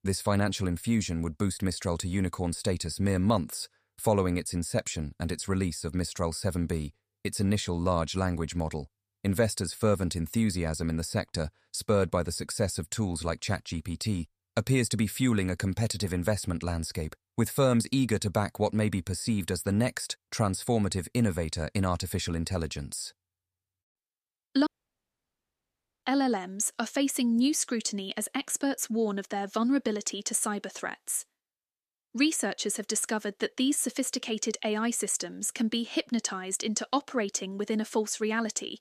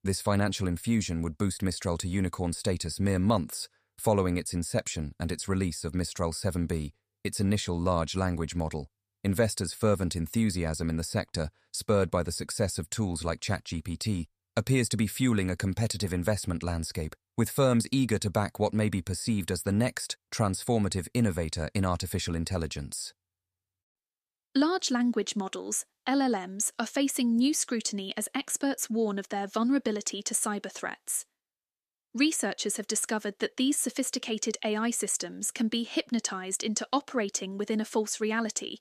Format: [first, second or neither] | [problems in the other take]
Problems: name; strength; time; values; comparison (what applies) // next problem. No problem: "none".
second | audio cutting out; at 25 s for 1.5 s